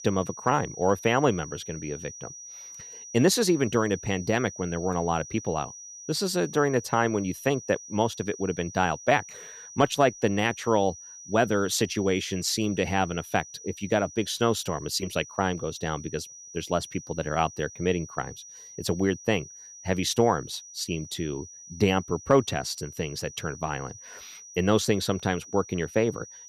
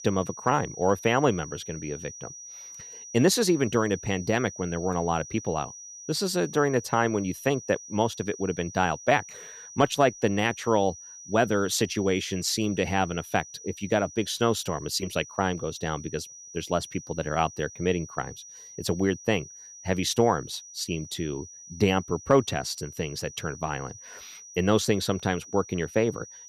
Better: neither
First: high-pitched whine; noticeable; throughout; 6 kHz, 15 dB below the speech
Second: high-pitched whine; noticeable; throughout; 6 kHz, 15 dB below the speech

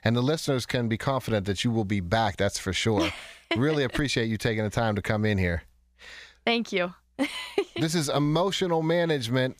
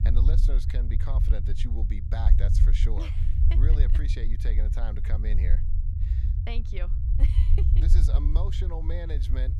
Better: first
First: none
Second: low rumble; loud; throughout; 2 dB below the speech

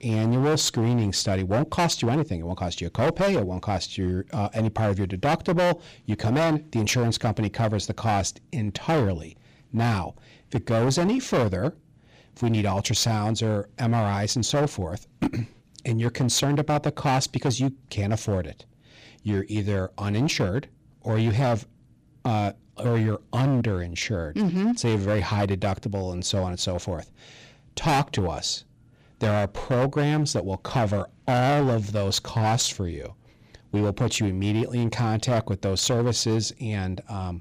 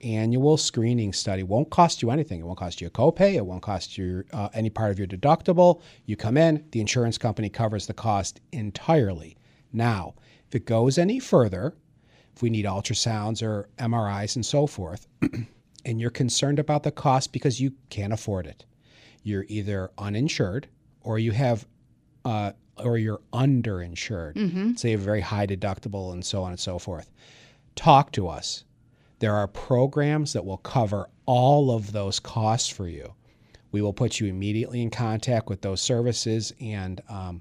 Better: second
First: distortion; heavy; 12% of the sound clipped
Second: none

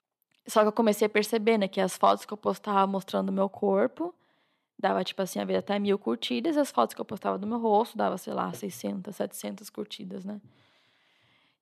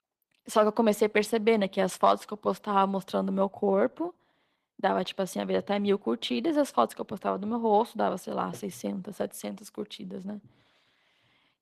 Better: first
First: none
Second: garbled, watery; slightly; nothing above 13.5 kHz

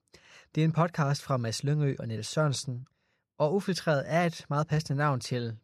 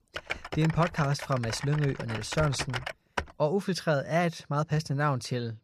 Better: first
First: none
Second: keyboard typing; noticeable; until 3 s; peak 5 dB below the speech

